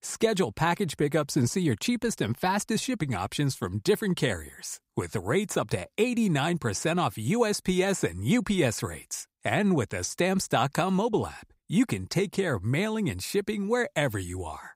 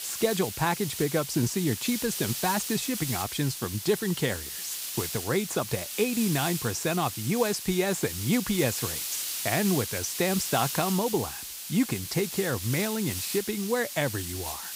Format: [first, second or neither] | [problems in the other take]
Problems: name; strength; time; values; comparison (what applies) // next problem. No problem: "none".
first | hiss; loud; throughout; 4 dB below the speech